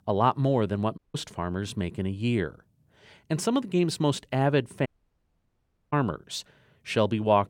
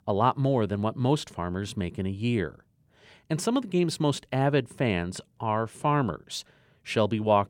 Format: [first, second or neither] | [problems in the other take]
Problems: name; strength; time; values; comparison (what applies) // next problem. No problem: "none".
second | audio cutting out; at 1 s and at 5 s for 1 s